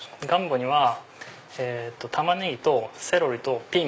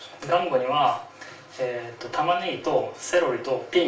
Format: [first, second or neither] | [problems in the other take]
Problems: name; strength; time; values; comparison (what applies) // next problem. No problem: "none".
first | room echo; dies away in 0.4 s